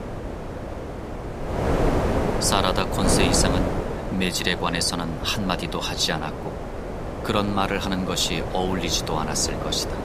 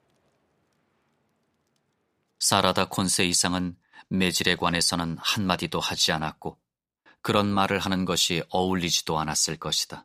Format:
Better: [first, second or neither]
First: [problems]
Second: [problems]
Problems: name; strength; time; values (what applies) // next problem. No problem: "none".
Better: second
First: wind noise on the microphone; heavy; 5 dB below the speech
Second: none